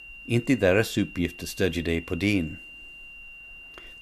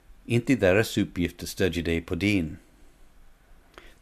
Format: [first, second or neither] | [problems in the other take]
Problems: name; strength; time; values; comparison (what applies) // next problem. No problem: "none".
second | high-pitched whine; noticeable; throughout; 3 kHz, 15 dB below the speech